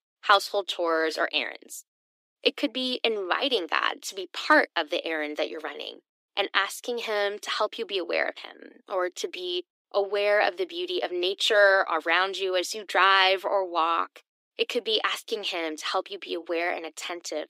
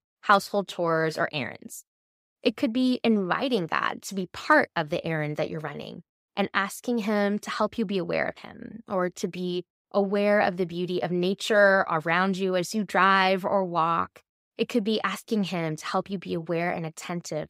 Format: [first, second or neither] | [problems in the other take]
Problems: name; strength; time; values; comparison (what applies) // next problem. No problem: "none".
second | thin; somewhat; fading below 300 Hz